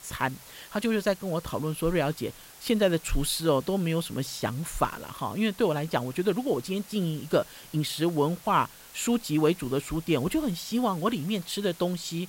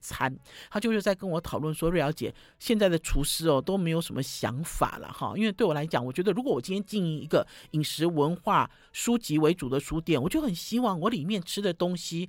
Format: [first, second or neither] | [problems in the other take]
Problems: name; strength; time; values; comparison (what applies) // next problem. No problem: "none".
second | hiss; noticeable; throughout; 20 dB below the speech